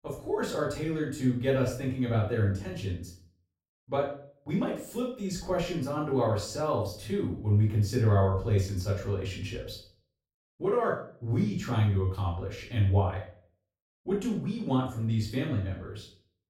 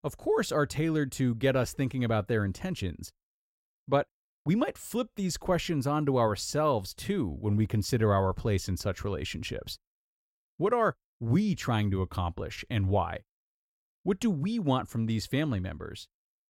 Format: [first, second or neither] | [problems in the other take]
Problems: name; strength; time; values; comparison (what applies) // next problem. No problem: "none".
second | off-mic speech; far // room echo; noticeable; dies away in 0.4 s